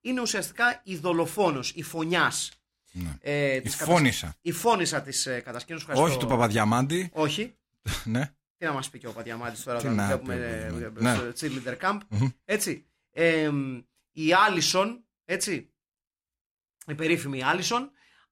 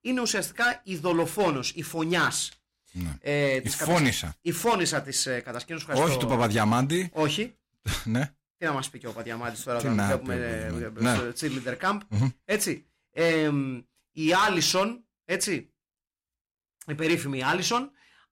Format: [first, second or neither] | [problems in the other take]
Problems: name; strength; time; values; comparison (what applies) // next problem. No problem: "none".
first | distortion; slight; 4% of the sound clipped